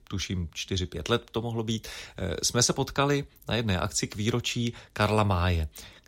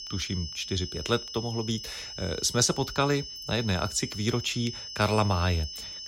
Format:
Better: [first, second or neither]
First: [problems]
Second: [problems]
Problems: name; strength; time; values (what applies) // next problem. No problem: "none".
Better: first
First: none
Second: high-pitched whine; loud; throughout; 5 kHz, 9 dB below the speech